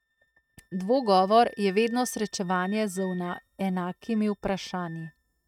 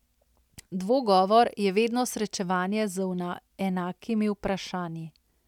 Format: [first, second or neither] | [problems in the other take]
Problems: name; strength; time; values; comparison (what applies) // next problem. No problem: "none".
second | noise reduction (neural mask model RNNoise)